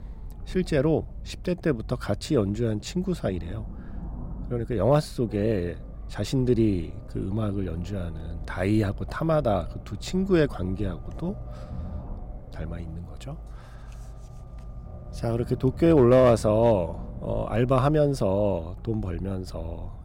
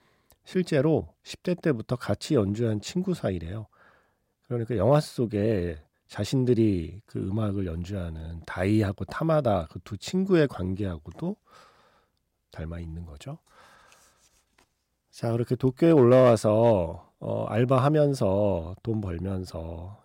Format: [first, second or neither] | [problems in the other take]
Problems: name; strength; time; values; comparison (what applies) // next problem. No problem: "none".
second | low rumble; faint; throughout; 25 dB below the speech